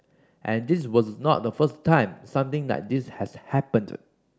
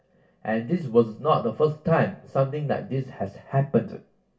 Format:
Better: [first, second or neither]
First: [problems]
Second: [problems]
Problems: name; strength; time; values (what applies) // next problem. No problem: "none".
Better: first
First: none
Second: room echo; dies away in 0.2 s